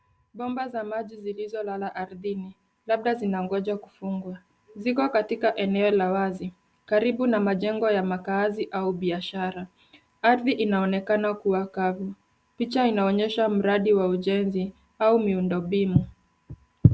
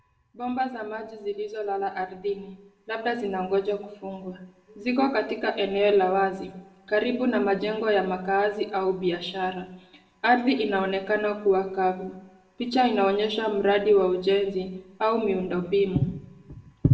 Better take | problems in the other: first | room echo; dies away in 0.7 s

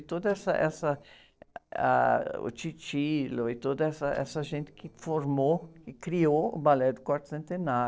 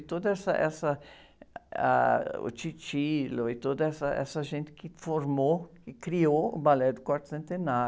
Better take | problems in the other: second | noise reduction (neural separator model SepFormer DNS4)

